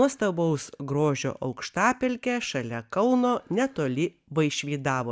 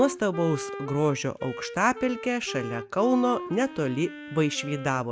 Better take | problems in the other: first | background sound (Wind instrument, woodwind instrument); 12 dB below the speech

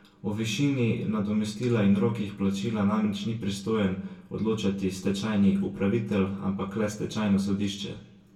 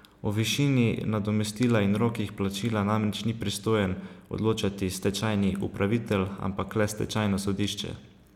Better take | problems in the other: second | room echo; dies away in 0.2 s

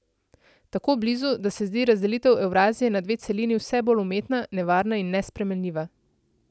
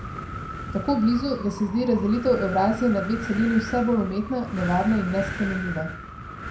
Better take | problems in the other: first | background sound (Wind); 9 dB below the speech // room echo; dies away in 0.5 s

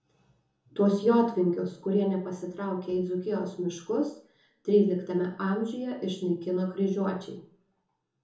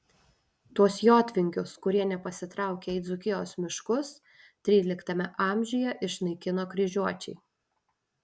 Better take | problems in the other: second | room echo; dies away in 1 s

